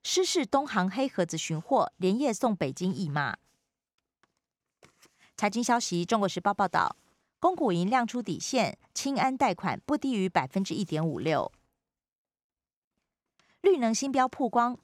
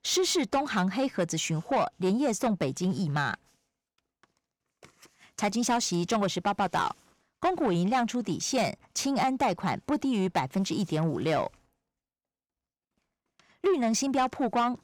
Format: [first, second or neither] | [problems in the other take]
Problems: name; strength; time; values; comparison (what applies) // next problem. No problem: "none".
first | distortion; slight; 10 dB below the speech